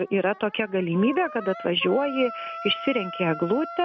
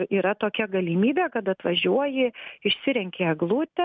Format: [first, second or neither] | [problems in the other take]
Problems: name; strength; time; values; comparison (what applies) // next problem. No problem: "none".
second | background sound (Wind instrument, woodwind instrument); 12 dB below the speech